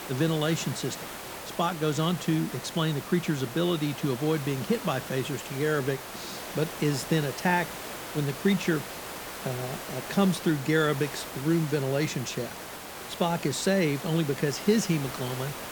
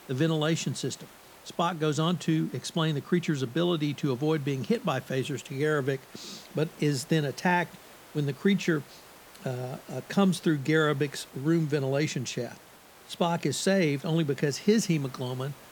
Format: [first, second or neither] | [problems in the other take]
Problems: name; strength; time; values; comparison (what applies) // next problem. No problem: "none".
second | hiss; loud; throughout; 9 dB below the speech; faint in the second